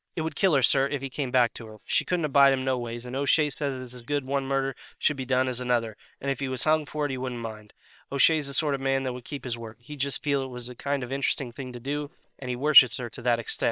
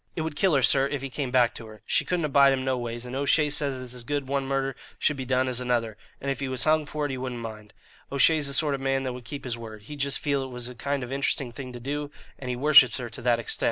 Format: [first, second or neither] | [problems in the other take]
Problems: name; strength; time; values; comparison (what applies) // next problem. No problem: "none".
second | noise reduction (neural separator model SepFormer WHAM!)